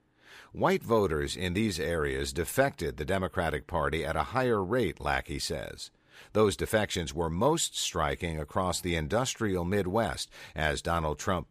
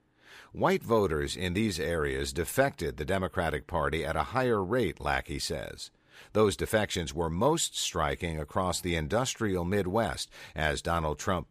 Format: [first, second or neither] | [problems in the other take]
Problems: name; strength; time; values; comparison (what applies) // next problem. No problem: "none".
neither | none